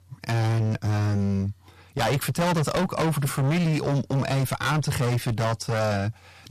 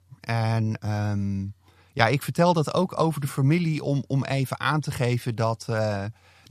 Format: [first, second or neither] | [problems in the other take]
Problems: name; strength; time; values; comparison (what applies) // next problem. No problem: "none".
second | distortion; heavy; 27% of the sound clipped